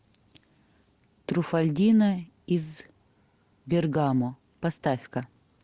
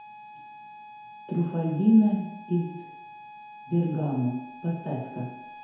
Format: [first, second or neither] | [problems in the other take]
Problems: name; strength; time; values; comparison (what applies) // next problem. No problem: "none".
first | background sound (Harmonica); 17 dB below the speech // room echo; dies away in 1 s